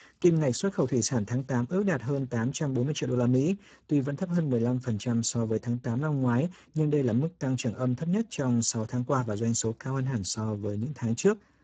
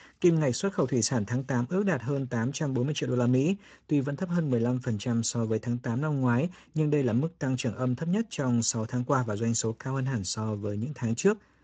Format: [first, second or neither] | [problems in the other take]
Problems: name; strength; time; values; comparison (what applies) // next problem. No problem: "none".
second | garbled, watery; badly; nothing above 7.5 kHz; slightly in the second